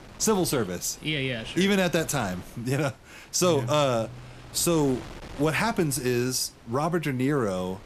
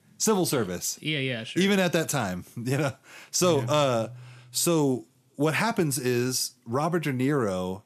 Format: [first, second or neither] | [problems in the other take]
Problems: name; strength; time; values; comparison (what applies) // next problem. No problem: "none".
second | wind noise on the microphone; occasional gusts; 20 dB below the speech